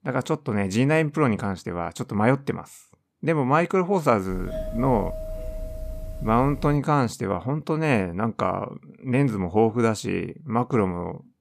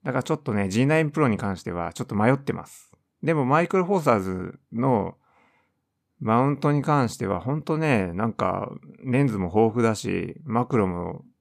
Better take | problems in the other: second | doorbell; noticeable; from 4.5 to 7 s; peak 9 dB below the speech

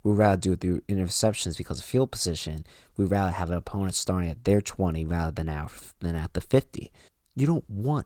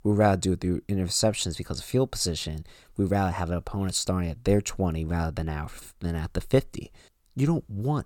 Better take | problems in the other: second | garbled, watery; slightly; nothing above 18 kHz

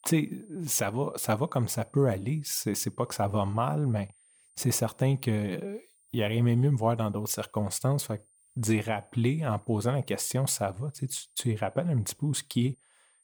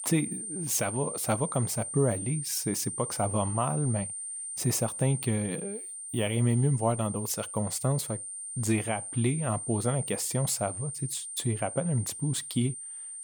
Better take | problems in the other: first | high-pitched whine; loud; throughout; 9 kHz, 6 dB below the speech; faint in the first

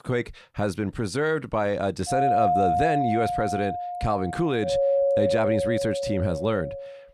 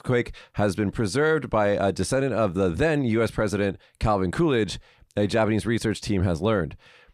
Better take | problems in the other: second | doorbell; loud; from 2 s on; peak 6 dB above the speech

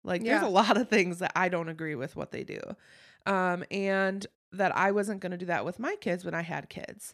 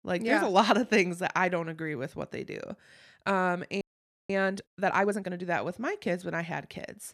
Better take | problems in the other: first | audio freezing; at 4 s

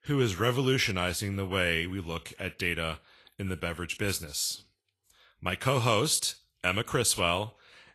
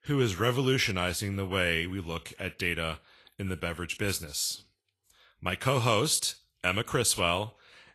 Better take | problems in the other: neither | garbled, watery; slightly; nothing above 12.5 kHz; the same in both

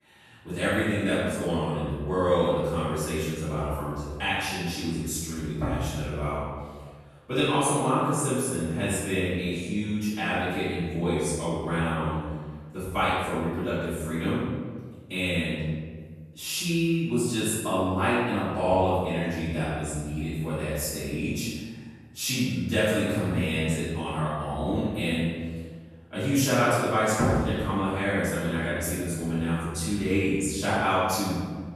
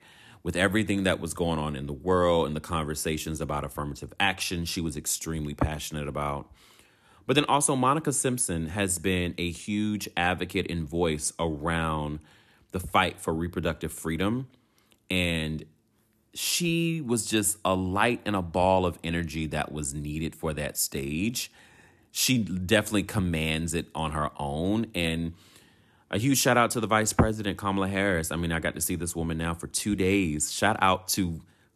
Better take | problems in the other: second | off-mic speech; far // room echo; strong; dies away in 1.4 s

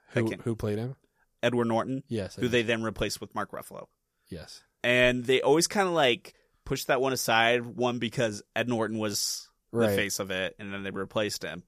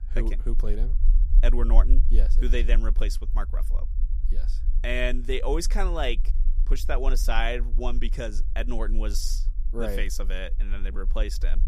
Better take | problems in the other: first | low rumble; noticeable; throughout; 20 dB below the speech

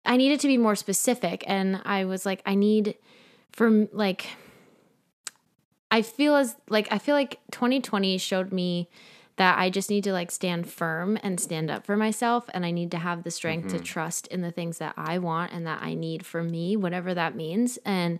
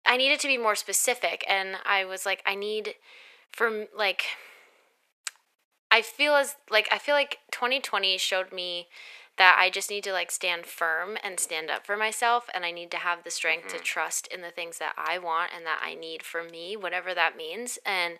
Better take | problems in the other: first | thin; very; fading below 550 Hz

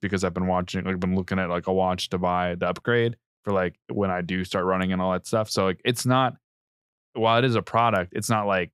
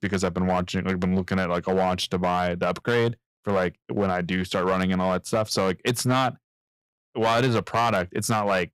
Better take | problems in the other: first | distortion; slight; 7% of the sound clipped

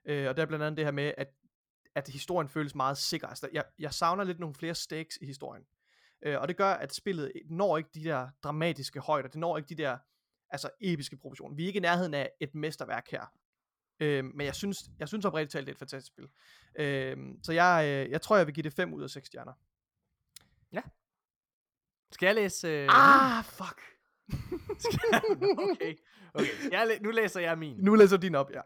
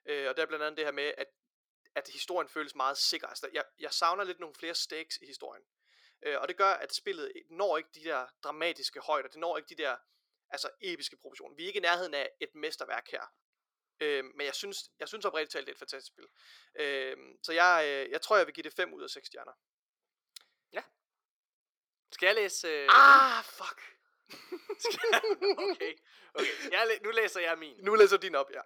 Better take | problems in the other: first | thin; very; fading below 400 Hz

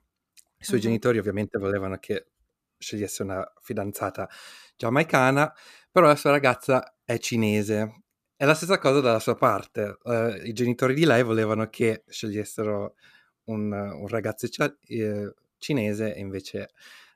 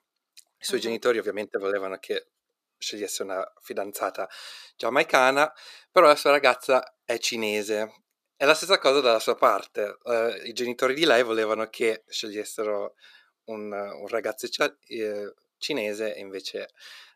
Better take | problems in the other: first | thin; somewhat; fading below 500 Hz

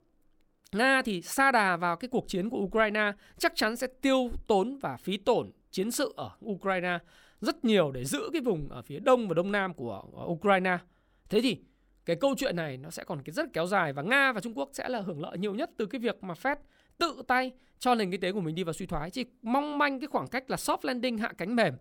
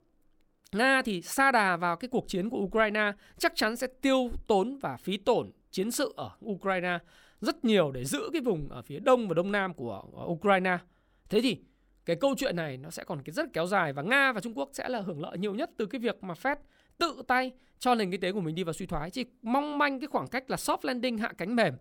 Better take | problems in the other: neither | none

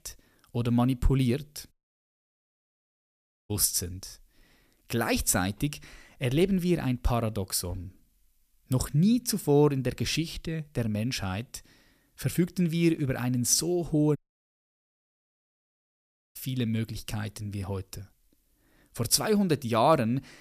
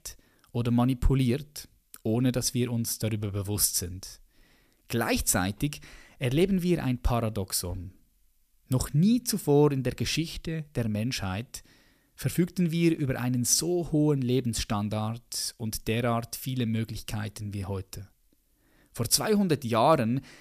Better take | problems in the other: second | audio cutting out; at 1.5 s for 2 s and at 14 s for 2 s

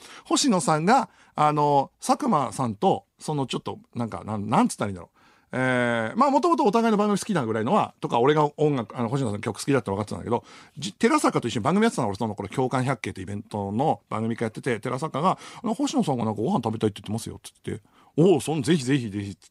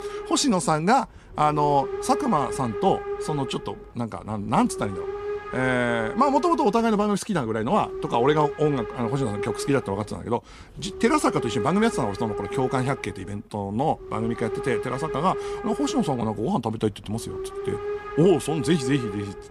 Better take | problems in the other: first | hiss; loud; throughout; 8 dB below the speech

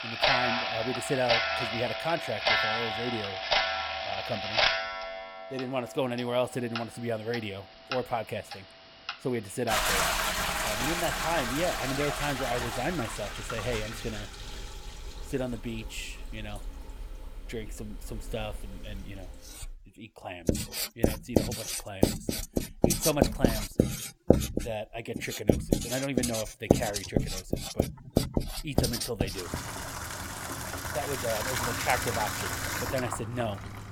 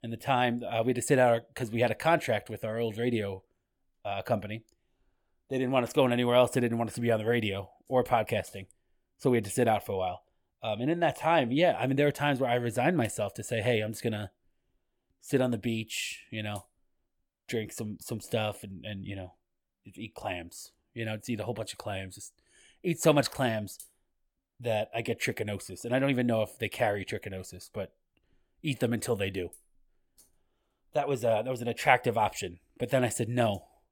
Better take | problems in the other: second | household noises; very loud; throughout; 4 dB above the speech

